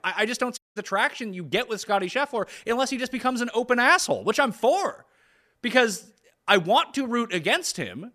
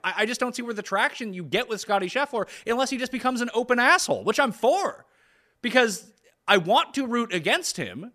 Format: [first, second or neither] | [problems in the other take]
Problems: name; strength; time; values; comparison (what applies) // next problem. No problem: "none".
second | audio cutting out; at 0.5 s